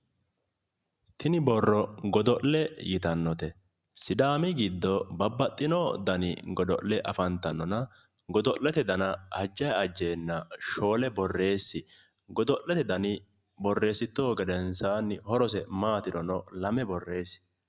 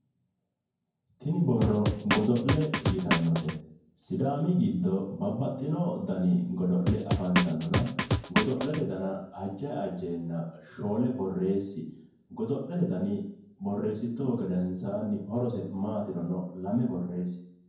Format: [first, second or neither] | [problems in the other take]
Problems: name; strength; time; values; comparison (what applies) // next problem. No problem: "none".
first | background sound (Drum); as loud as the speech // room echo; dies away in 0.9 s